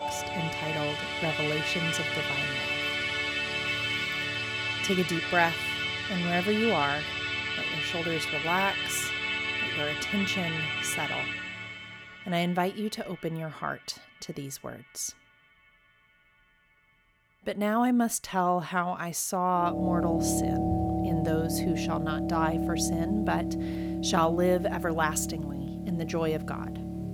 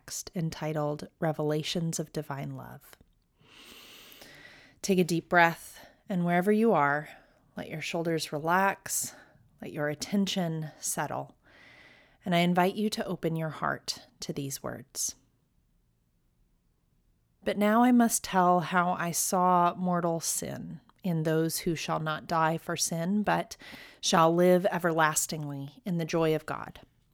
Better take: second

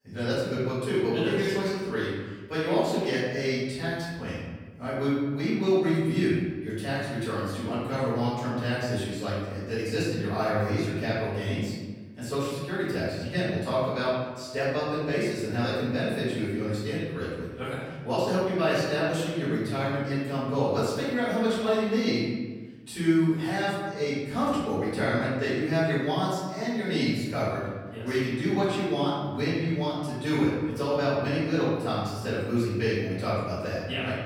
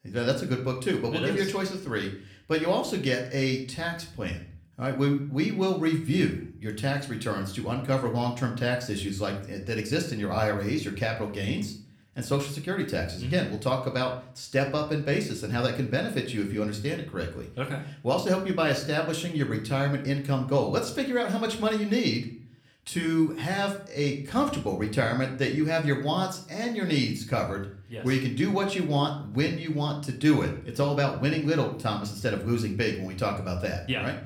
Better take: second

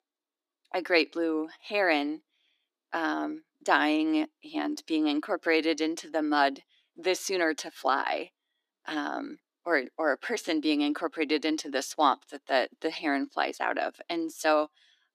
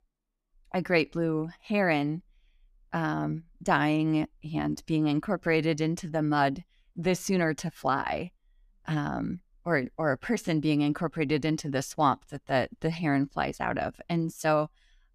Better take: second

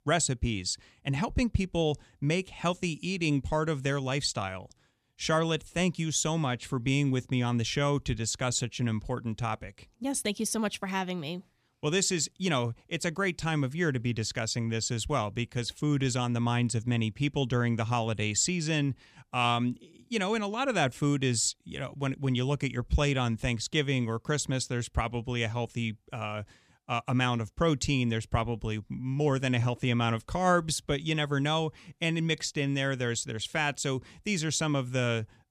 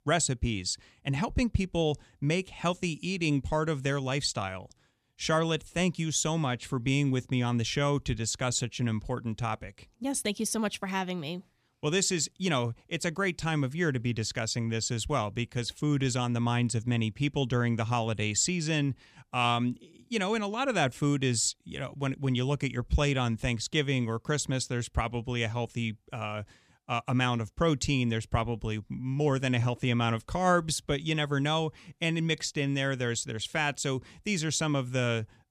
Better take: neither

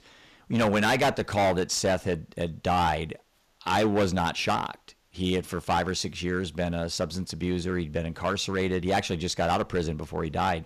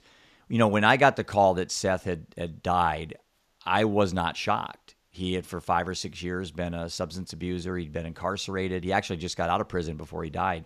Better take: second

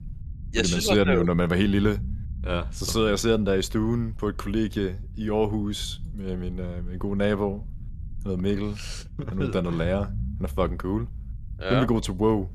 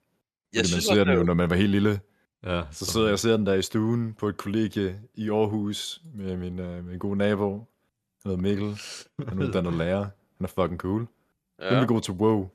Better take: second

